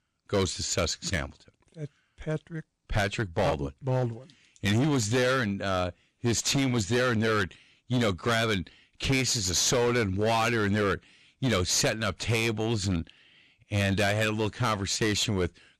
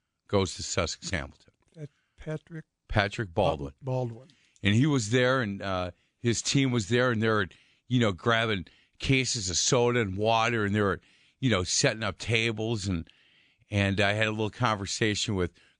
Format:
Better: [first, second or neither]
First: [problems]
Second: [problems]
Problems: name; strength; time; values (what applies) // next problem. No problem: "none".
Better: second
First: distortion; heavy; 12% of the sound clipped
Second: none